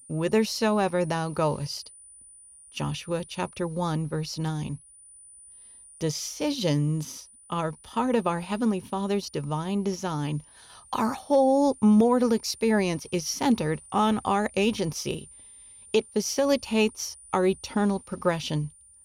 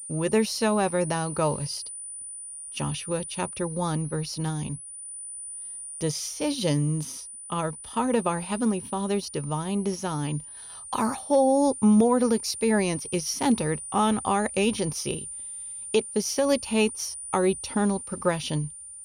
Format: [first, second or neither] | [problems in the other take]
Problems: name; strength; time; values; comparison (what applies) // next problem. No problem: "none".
first | high-pitched whine; loud; throughout; 9 kHz, 10 dB below the speech; faint in the first